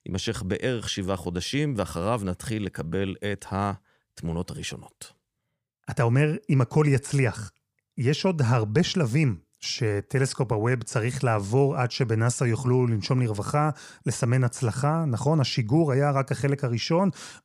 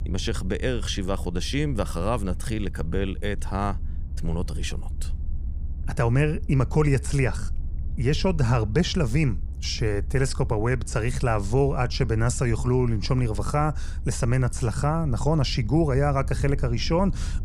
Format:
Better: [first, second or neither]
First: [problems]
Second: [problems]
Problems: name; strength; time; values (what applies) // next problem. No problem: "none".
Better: first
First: none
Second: low rumble; faint; throughout; 20 dB below the speech